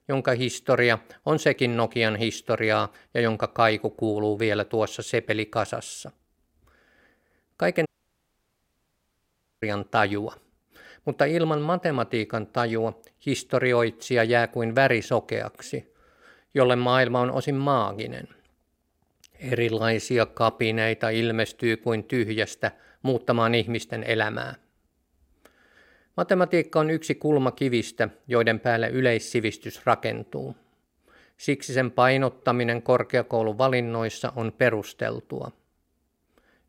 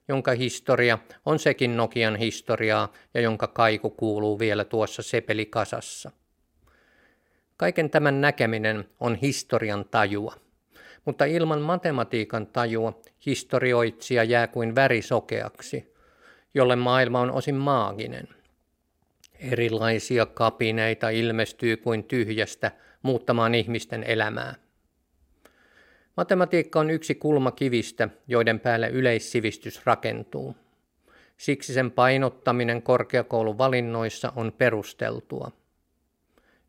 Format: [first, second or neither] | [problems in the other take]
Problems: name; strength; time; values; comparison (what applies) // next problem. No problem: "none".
second | audio cutting out; at 8 s for 2 s